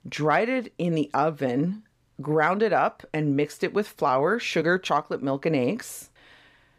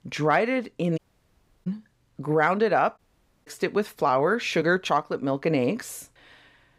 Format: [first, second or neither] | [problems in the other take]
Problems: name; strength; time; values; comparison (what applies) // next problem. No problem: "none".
first | audio cutting out; at 1 s for 0.5 s and at 3 s